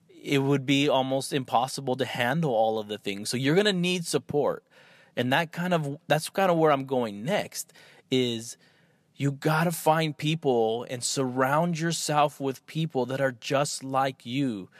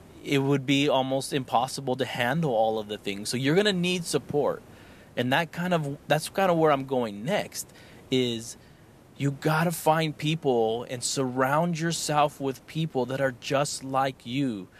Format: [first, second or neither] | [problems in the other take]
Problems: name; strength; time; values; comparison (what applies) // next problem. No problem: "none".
first | hiss; faint; throughout; 25 dB below the speech